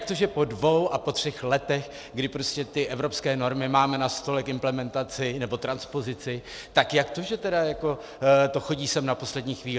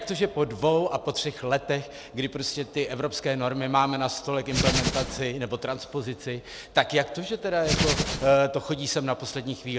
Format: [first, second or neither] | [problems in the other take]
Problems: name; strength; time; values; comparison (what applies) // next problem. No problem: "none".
first | background sound (Hands); as loud as the speech